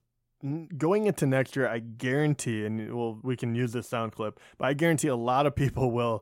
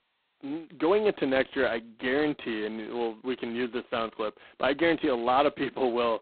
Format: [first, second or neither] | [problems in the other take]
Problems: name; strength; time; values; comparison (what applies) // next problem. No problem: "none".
first | phone-call audio; poor line; nothing above 4 kHz